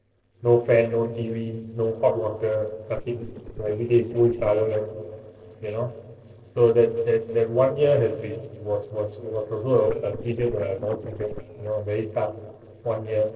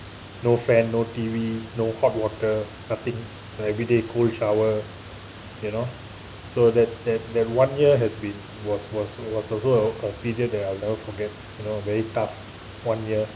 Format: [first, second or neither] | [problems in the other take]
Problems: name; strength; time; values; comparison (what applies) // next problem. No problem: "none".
second | noise reduction (neural separator model SepFormer DNS4)